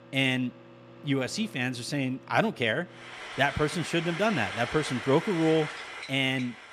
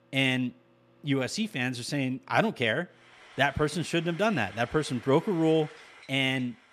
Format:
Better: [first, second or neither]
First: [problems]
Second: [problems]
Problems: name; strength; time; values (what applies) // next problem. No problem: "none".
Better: second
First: household noises; loud; throughout; 10 dB below the speech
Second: household noises; faint; throughout; 20 dB below the speech